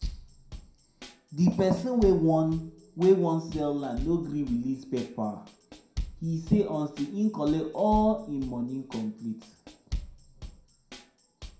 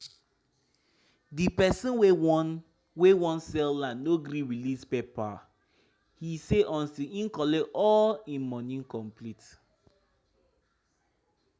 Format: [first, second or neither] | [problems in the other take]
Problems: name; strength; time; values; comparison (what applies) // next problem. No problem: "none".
second | background sound (Drum kit); 13 dB below the speech // room echo; dies away in 0.5 s